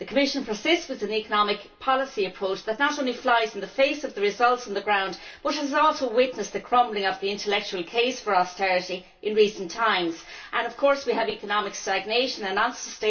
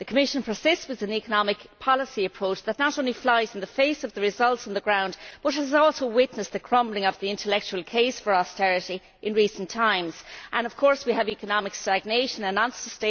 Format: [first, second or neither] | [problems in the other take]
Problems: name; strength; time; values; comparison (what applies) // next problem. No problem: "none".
second | room echo; dies away in 0.2 s